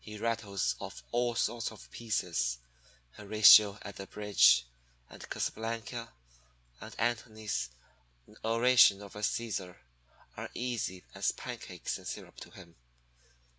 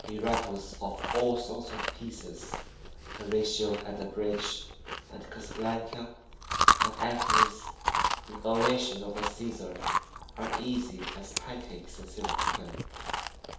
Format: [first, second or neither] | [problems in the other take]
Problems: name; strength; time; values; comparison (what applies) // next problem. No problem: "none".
first | background sound (Chewing, mastication); 2 dB above the speech // room echo; dies away in 0.8 s